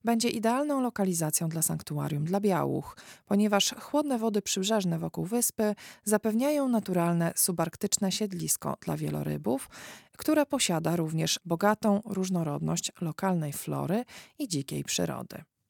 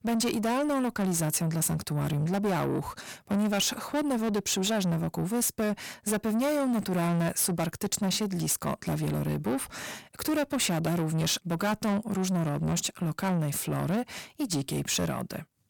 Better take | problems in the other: first | distortion; heavy; 7 dB below the speech

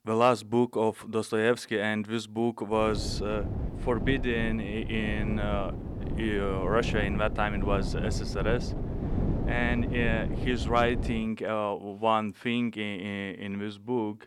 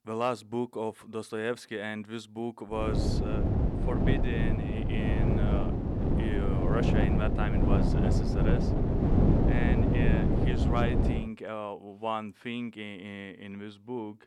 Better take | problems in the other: first | wind noise on the microphone; heavy; from 3 to 11 s; 2 dB above the speech; occasional gusts in the first

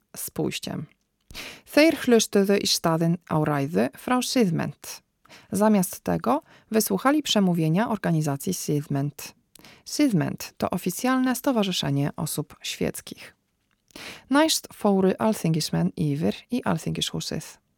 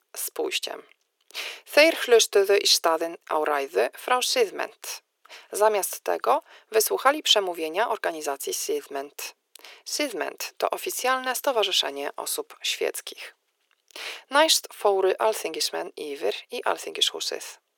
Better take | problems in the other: first | thin; very; fading below 400 Hz

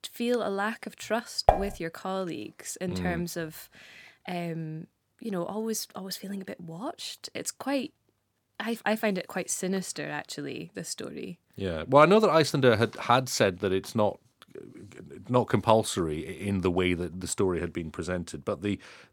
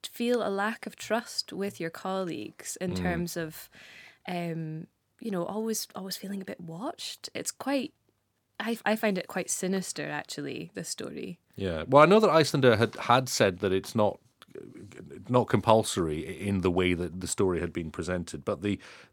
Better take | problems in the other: second | clattering dishes; loud; at 1.5 s; peak 3 dB above the speech

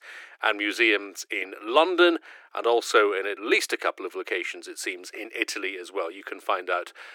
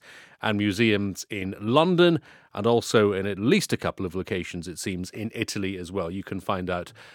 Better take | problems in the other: second | thin; very; fading below 350 Hz

